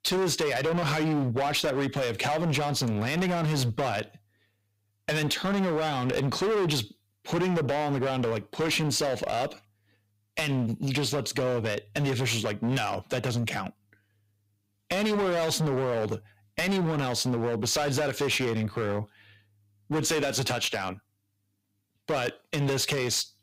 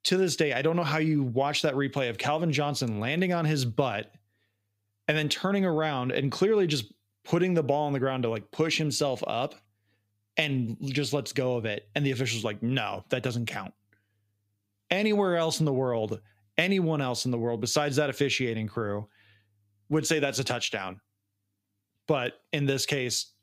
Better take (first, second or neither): second